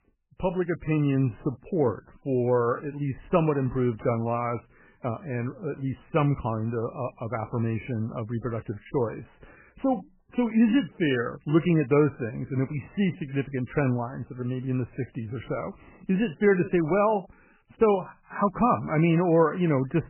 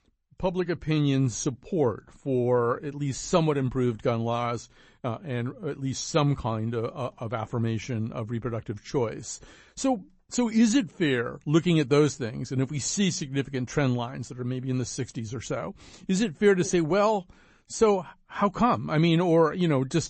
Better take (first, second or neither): second